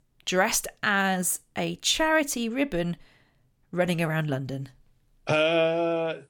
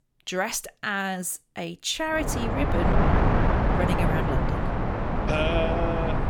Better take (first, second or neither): first